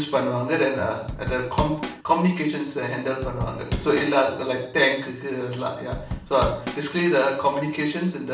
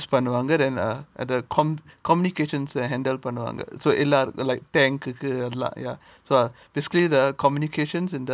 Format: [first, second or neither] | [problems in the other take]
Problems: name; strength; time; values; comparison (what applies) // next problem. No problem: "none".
second | background sound (Drum / Drum kit); 7 dB below the speech // room echo; dies away in 0.5 s